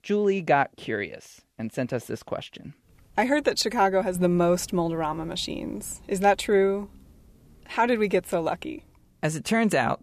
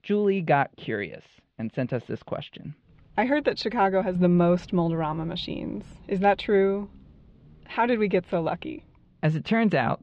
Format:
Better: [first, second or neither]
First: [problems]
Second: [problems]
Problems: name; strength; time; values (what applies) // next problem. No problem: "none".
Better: first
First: none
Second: muffled; slightly; fading above 3.5 kHz